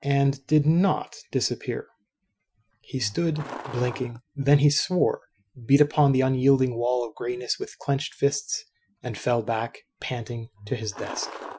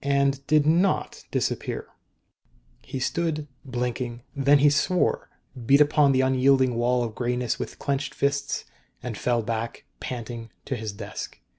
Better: second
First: noise reduction (classical method Wiener filter)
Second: none

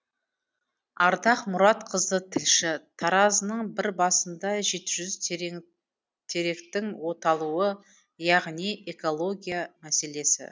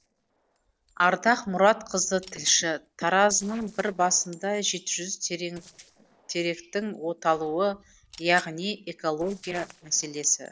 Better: first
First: none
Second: noise reduction (neural separator model SepFormer DNS4)

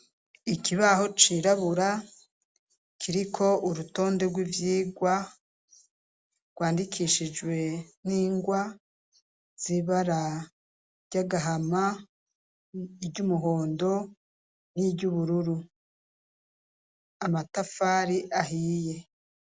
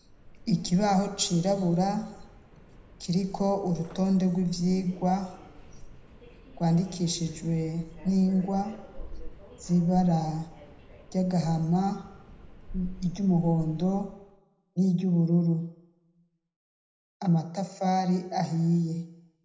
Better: first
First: none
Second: background sound (Subway, metro, underground); 17 dB below the speech // room echo; dies away in 0.7 s

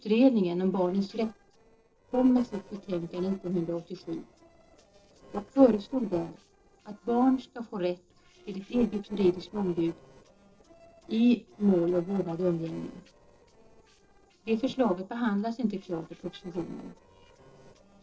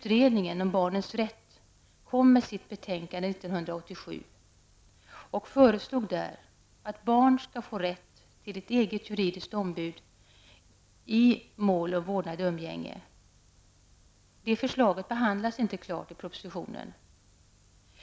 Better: second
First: noise reduction (neural separator model SepFormer DNS4)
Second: none

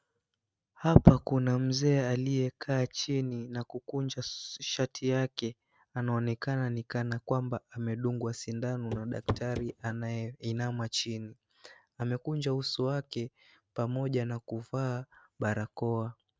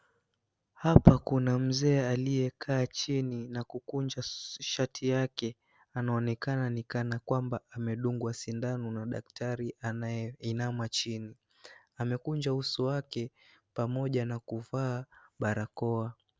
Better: second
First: noise reduction (neural mask model RNNoise)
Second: none

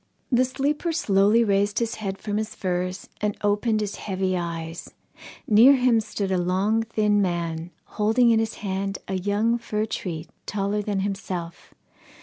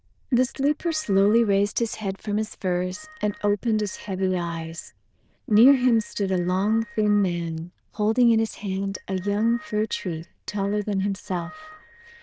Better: first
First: none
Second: noise reduction (neural diffusion model UNIVERSE++)

